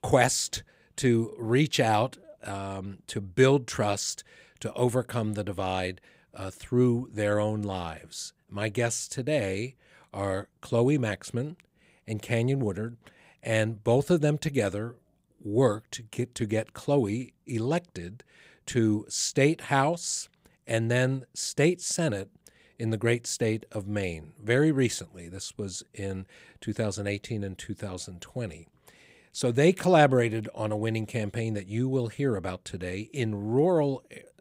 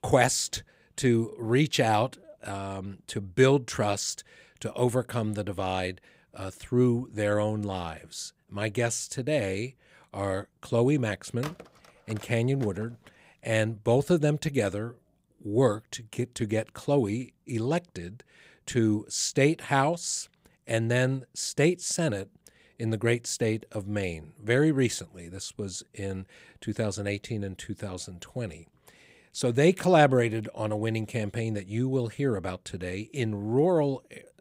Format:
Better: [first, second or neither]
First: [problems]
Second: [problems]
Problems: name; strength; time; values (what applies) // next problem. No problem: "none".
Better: first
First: none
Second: phone ringing; faint; from 11 to 13 s; peak 15 dB below the speech